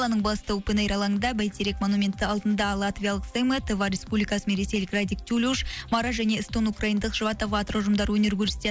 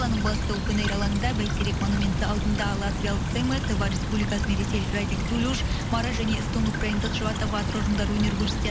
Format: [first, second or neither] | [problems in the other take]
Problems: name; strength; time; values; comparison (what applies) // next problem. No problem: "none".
first | background sound (Stream / Trickle, dribble); 2 dB above the speech